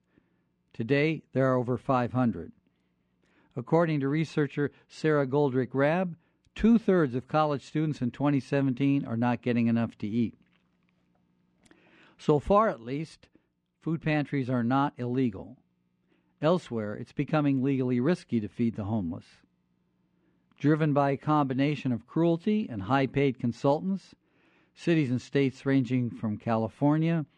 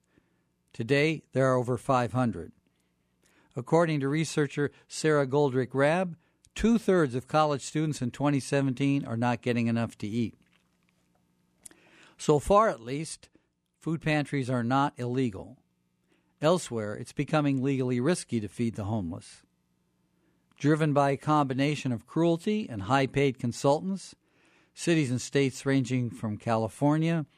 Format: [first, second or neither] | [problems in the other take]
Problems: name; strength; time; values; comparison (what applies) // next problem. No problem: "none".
second | muffled; slightly; fading above 3.5 kHz